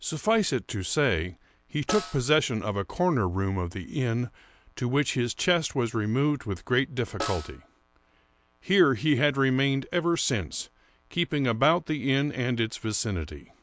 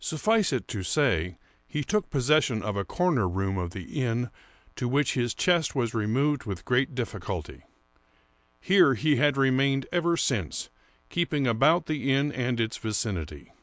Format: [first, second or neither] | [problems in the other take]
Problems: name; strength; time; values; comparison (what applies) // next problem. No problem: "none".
second | background sound (Snare drum); 13 dB below the speech